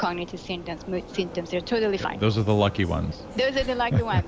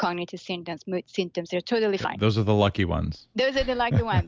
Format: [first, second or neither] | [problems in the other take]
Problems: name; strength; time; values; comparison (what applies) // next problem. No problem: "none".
second | background sound (Vehicle); 15 dB below the speech